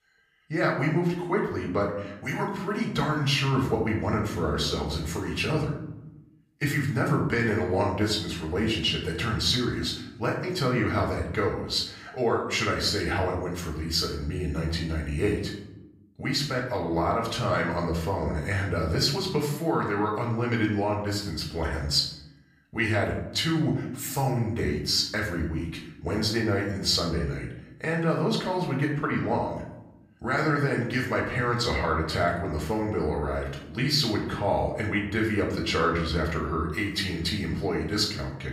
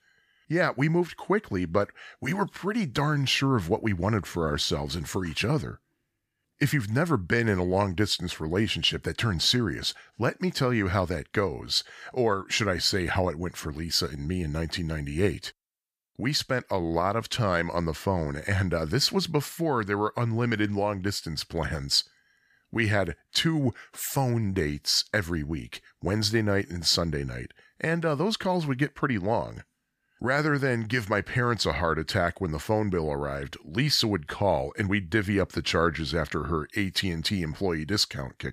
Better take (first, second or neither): second